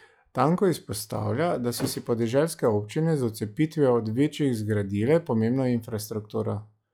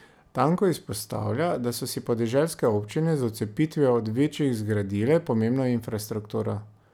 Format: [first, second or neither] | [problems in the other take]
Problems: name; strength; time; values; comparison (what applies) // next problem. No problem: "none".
second | noise reduction (classical method log-MMSE)